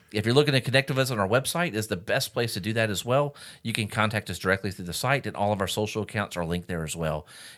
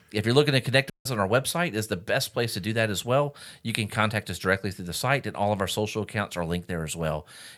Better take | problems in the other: first | audio cutting out; at 1 s

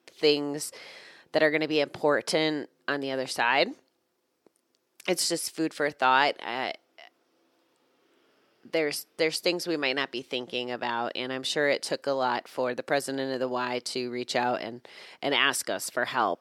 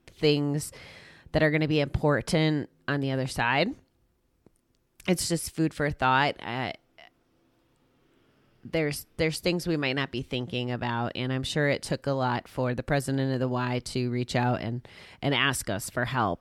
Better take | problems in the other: second | thin; somewhat; fading below 400 Hz

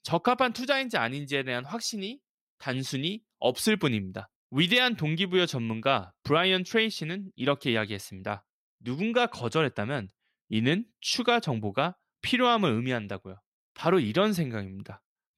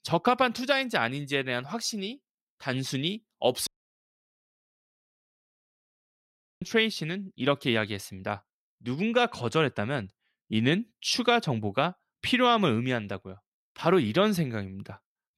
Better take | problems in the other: first | audio cutting out; at 3.5 s for 3 s

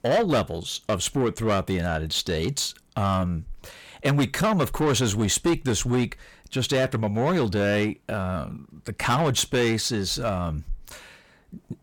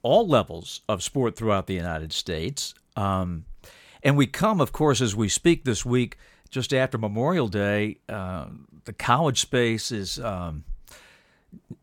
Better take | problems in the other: second | distortion; heavy; 8 dB below the speech

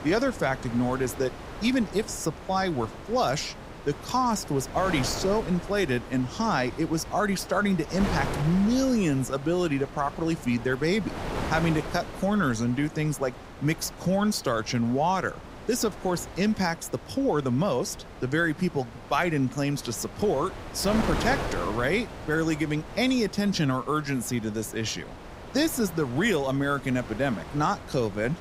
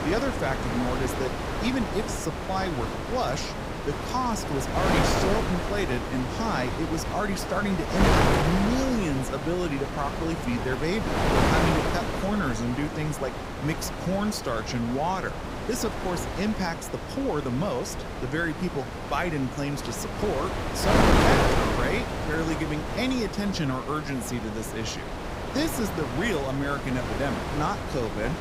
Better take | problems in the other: first | wind noise on the microphone; heavy; 1 dB above the speech; occasional gusts in the first

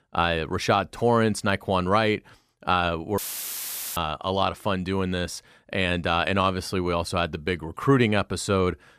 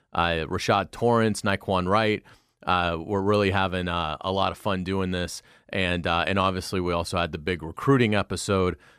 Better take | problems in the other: second | audio cutting out; filled with static; at 3 s for 1 s

